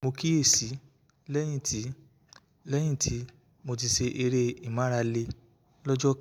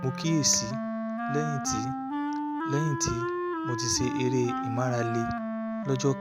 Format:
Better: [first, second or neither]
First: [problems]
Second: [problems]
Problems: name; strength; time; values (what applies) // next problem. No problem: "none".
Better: first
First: none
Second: background sound (Wind instrument, woodwind instrument); 2 dB below the speech